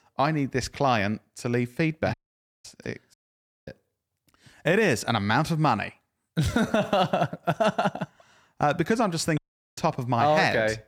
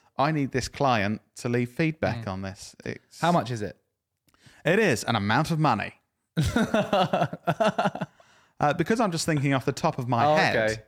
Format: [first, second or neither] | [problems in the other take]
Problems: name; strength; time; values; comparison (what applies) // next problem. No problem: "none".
second | audio cutting out; at 2 s for 0.5 s, at 3 s for 0.5 s and at 9.5 s